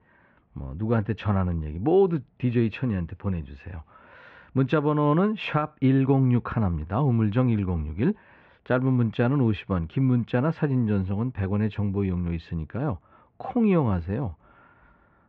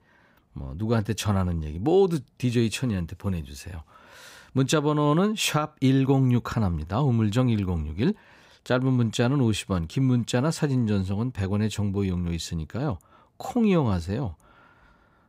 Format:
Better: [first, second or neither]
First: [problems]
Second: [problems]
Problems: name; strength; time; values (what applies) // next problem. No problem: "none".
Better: second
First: muffled; very; fading above 2.5 kHz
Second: none